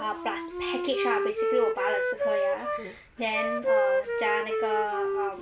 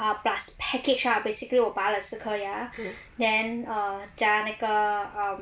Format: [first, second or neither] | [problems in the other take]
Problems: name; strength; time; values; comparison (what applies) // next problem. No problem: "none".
second | background sound (Wind instrument, woodwind instrument); 4 dB above the speech